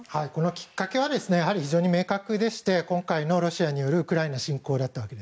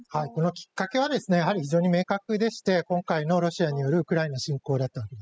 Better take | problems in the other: first | noise reduction (classical method spectral subtraction)

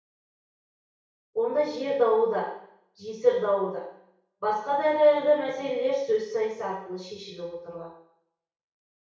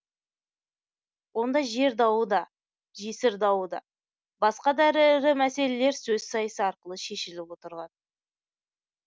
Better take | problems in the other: second | room echo; dies away in 0.6 s

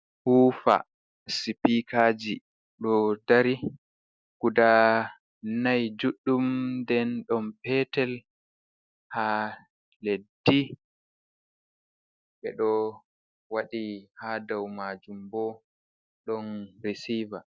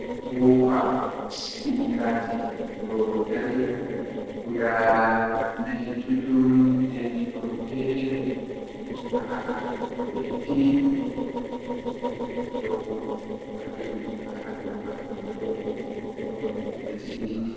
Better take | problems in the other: first | noise reduction (neural separator model SepFormer DNS4)

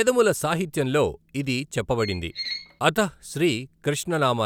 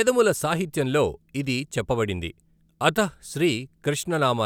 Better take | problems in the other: second | background sound (Squeak); 11 dB below the speech

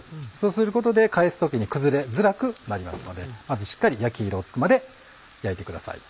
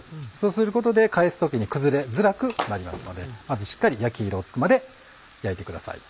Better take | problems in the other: first | background sound (Splash, splatter); 13 dB below the speech

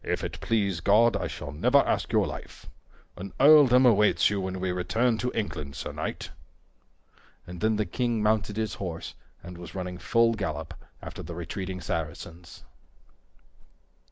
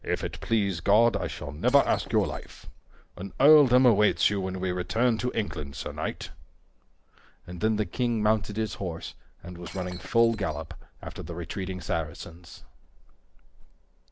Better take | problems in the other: first | background sound (Shatter); 20 dB below the speech

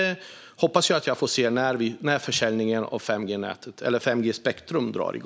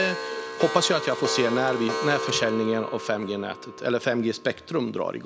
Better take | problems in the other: first | background sound (Clock); 7 dB below the speech

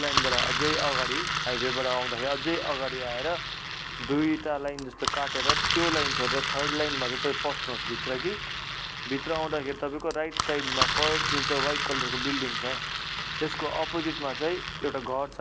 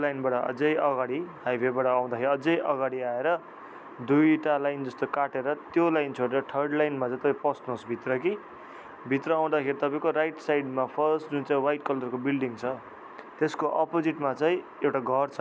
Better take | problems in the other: second | background sound (Engine); 1 dB above the speech

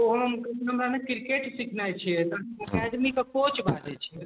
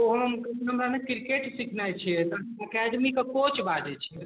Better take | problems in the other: second | noise reduction (neural mask model RNNoise)

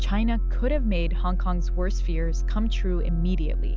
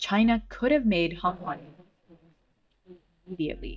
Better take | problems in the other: first | noise reduction (neural mask model DeepFilterNet 3)

